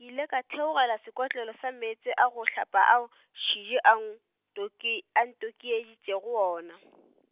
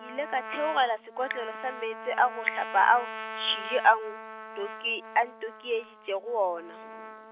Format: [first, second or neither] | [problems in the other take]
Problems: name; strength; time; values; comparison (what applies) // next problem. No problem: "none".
first | background sound (Trumpet); 12 dB below the speech